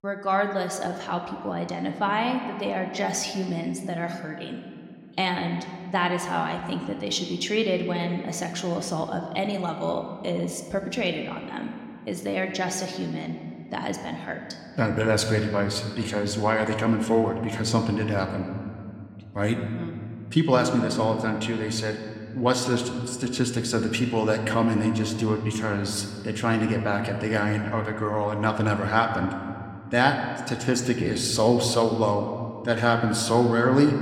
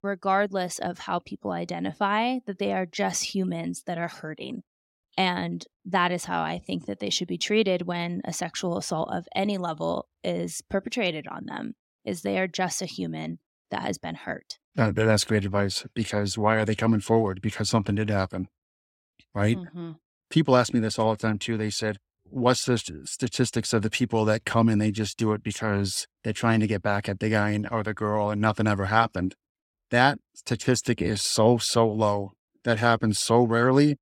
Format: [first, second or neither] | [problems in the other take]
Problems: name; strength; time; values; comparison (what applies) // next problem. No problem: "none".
second | room echo; slight; dies away in 1.9 s